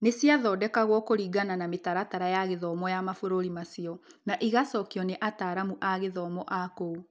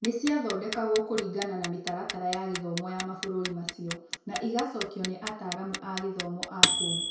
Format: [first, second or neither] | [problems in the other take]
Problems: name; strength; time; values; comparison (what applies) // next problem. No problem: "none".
first | background sound (Clock); 2 dB below the speech // room echo; dies away in 0.6 s